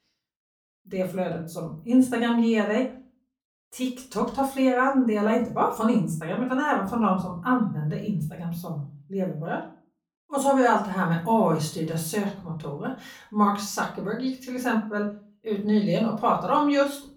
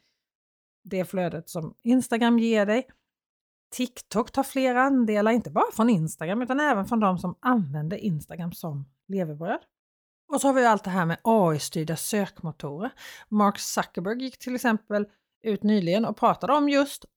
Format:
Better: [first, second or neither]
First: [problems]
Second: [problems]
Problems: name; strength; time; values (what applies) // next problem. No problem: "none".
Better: second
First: off-mic speech; far // room echo; slight; dies away in 0.3 s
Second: none